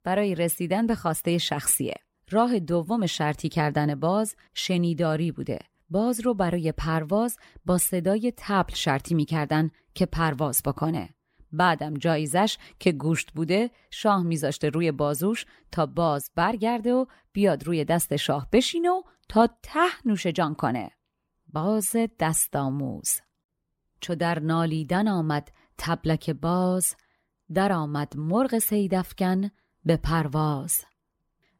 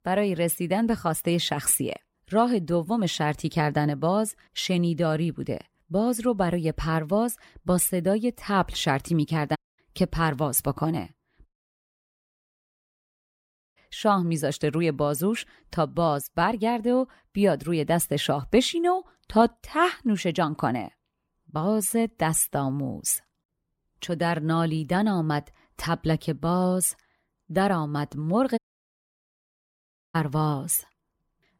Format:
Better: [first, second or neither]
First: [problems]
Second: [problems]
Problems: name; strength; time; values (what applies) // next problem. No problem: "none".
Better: first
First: none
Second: audio cutting out; at 9.5 s, at 11 s for 2.5 s and at 29 s for 1.5 s